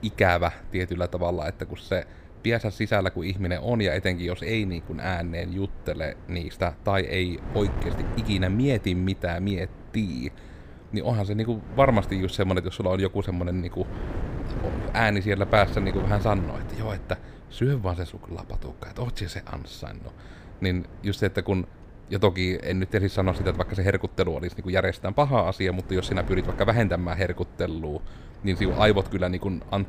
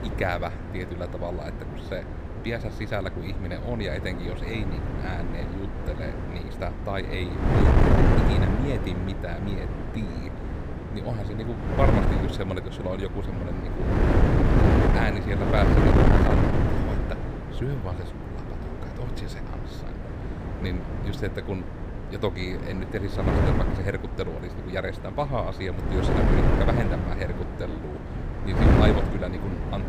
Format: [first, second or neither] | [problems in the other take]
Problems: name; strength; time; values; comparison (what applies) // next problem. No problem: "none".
first | wind noise on the microphone; heavy; 1 dB above the speech; occasional gusts in the first